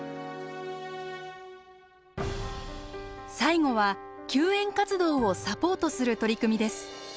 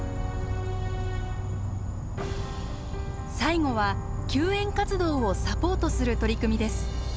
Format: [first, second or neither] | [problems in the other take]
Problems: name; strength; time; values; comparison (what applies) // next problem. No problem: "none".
first | background sound (Insect); 1 dB above the speech